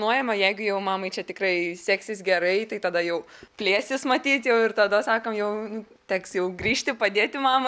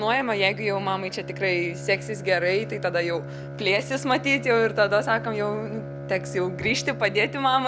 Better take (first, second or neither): first